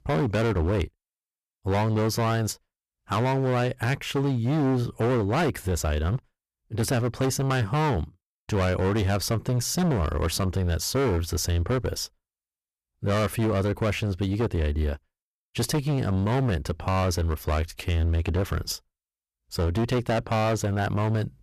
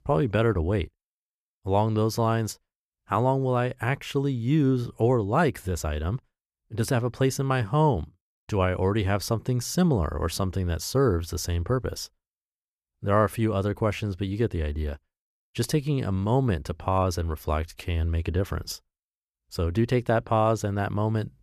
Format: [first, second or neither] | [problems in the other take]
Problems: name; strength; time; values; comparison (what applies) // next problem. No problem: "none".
second | distortion; heavy; 19% of the sound clipped